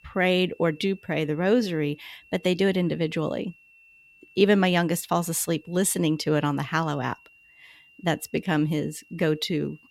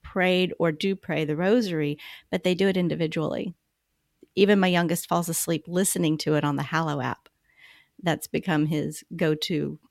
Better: second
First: high-pitched whine; faint; throughout; 2.5 kHz, 30 dB below the speech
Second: none

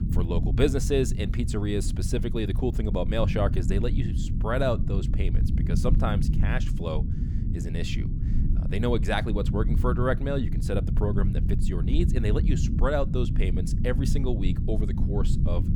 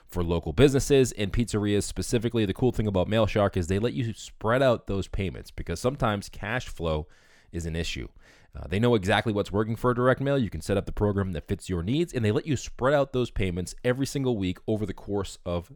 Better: second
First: low rumble; loud; throughout; 8 dB below the speech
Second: none

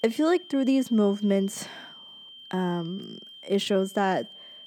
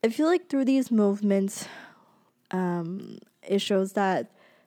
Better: second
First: high-pitched whine; noticeable; throughout; 3 kHz, 20 dB below the speech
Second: none

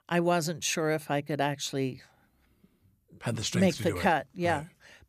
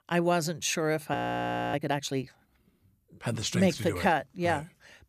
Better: first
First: none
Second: audio freezing; at 1 s for 0.5 s

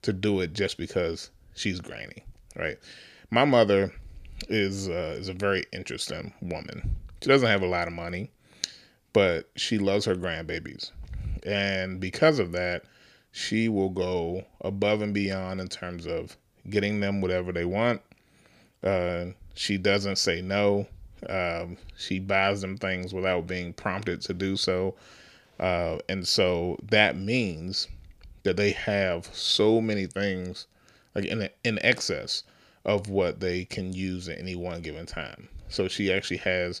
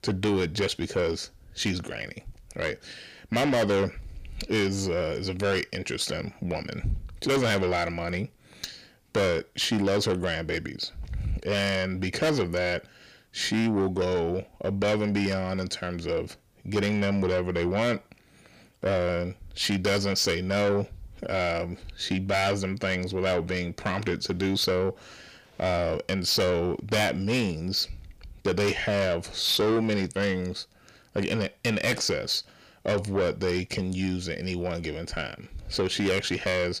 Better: first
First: none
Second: distortion; heavy; 7 dB below the speech

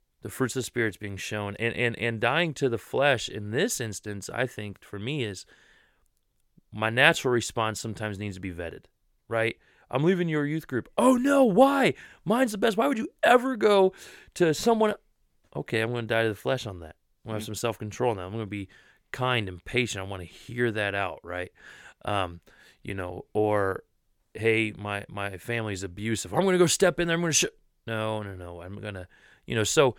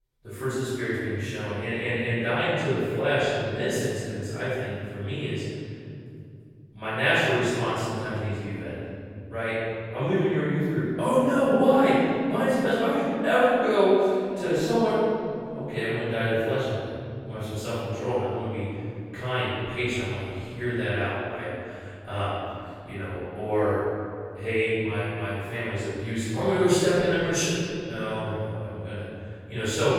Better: first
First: none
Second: room echo; strong; dies away in 3 s // off-mic speech; far

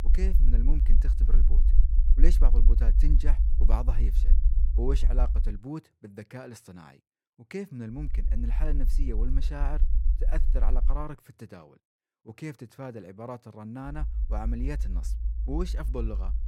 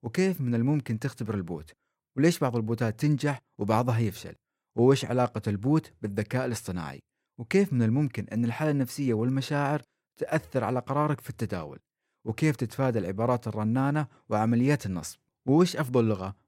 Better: second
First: low rumble; loud; until 5.5 s, from 8 to 11 s and from 14 s on; 9 dB below the speech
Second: none

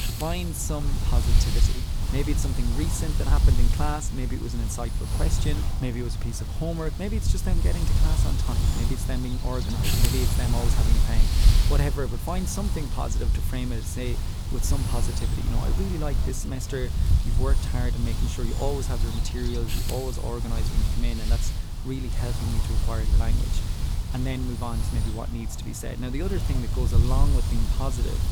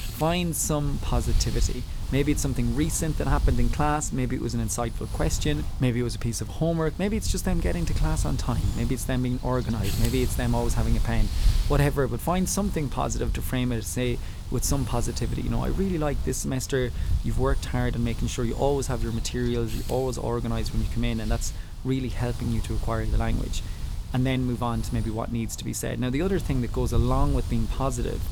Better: second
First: wind noise on the microphone; heavy; 2 dB below the speech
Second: wind noise on the microphone; occasional gusts; 15 dB below the speech

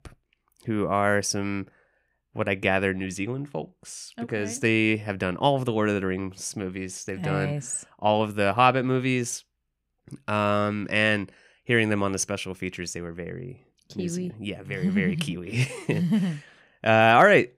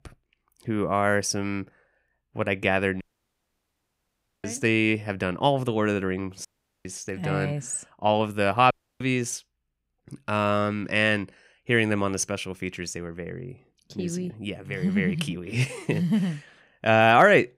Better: first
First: none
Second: audio cutting out; at 3 s for 1.5 s, at 6.5 s and at 8.5 s

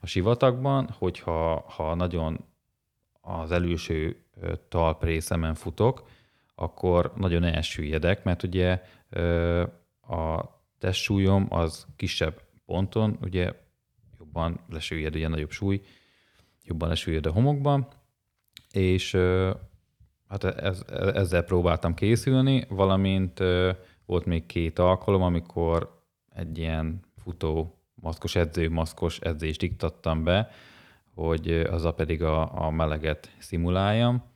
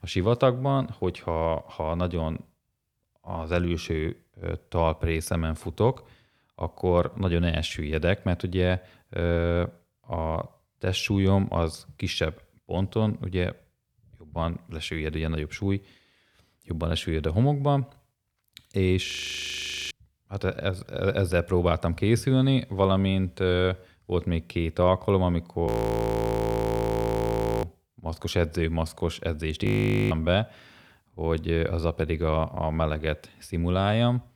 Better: first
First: none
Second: audio freezing; at 19 s for 1 s, at 26 s for 2 s and at 30 s

